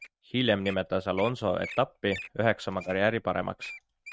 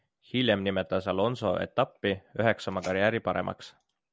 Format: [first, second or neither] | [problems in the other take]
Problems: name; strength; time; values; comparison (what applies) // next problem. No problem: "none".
second | noise reduction (neural mask model RNNoise)